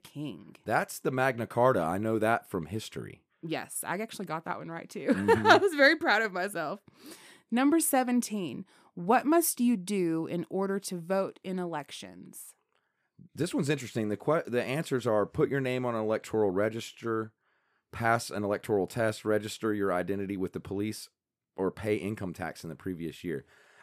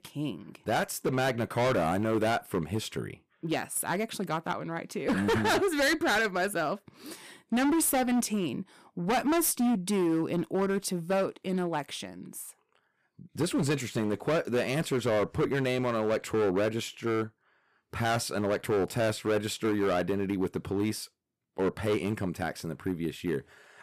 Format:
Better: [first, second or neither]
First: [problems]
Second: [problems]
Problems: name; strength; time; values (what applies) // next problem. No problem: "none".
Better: first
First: none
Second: distortion; heavy; 13% of the sound clipped